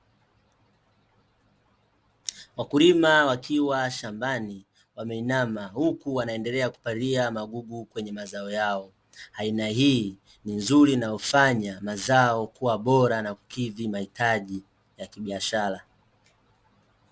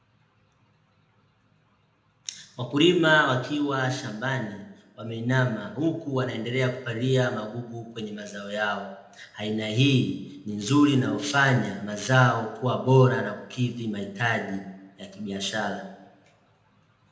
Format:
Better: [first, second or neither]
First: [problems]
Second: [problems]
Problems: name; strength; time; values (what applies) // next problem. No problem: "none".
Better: first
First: none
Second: room echo; dies away in 0.8 s